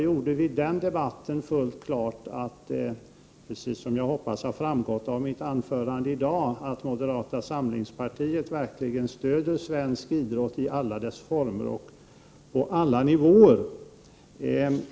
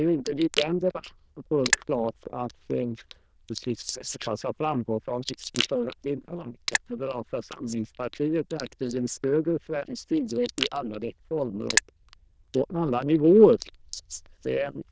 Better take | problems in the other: first | noise reduction (neural diffusion model UNIVERSE++)

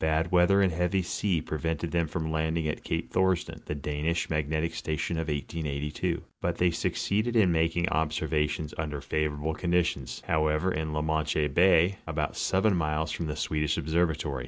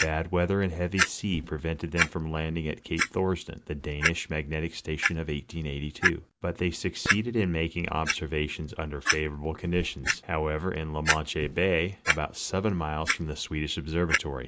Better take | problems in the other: first | background sound (Clock); 4 dB below the speech

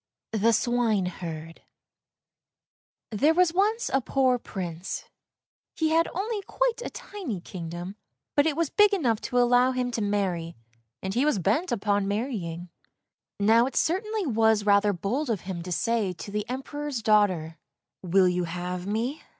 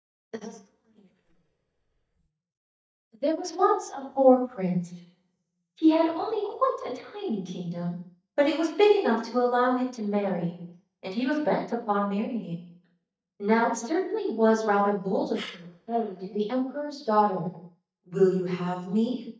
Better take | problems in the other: first | noise reduction (neural mask model DeepFilterNet 3)

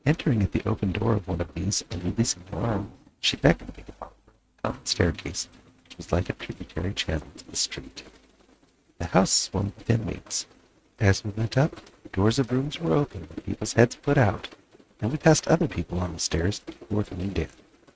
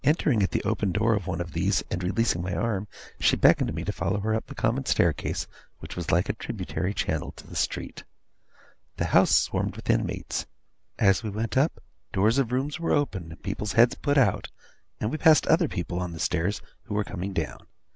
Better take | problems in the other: second | noise reduction (neural mask model RNNoise)

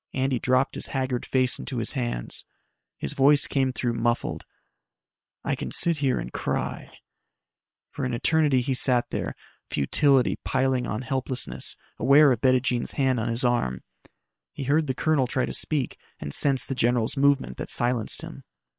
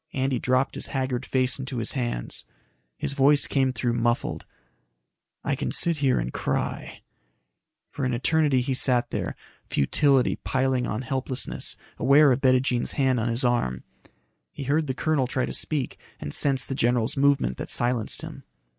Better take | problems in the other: second | noise reduction (neural separator model SepFormer WHAM!)

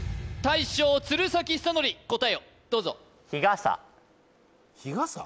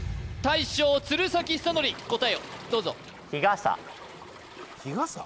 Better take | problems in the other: first | background sound (Waves, surf); 16 dB below the speech

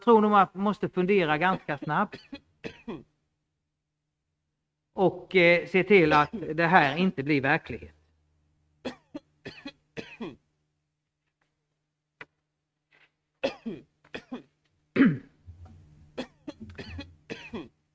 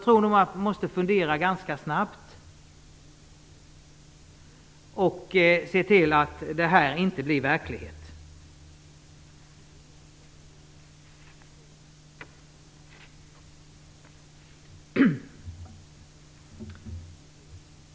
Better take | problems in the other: second | noise reduction (neural mask model RNNoise)

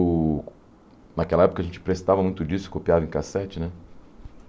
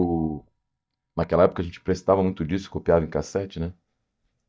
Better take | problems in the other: first | noise reduction (neural mask model DeepFilterNet 3)

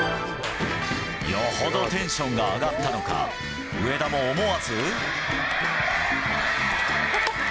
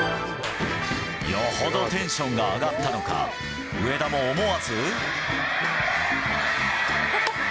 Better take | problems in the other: second | background sound (Computer keyboard); 19 dB below the speech

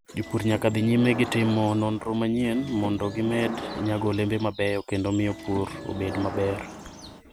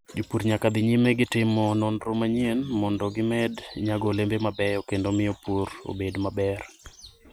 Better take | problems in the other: second | background sound (Subway, metro, underground / Sliding door); 11 dB below the speech

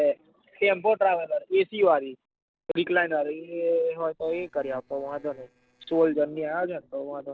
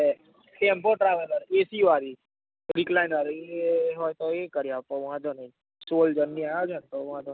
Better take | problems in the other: second | noise reduction (neural separator model SepFormer DNS4)

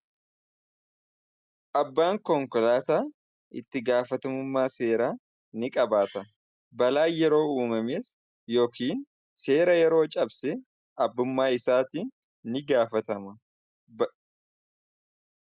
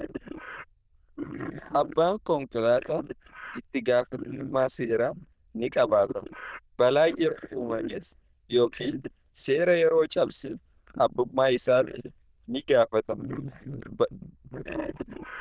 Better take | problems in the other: first | noise reduction (neural diffusion model UNIVERSE++)

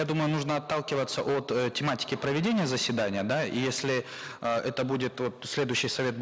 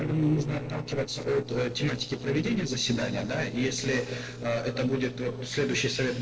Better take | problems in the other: first | noise reduction (neural separator model SepFormer DNS4)

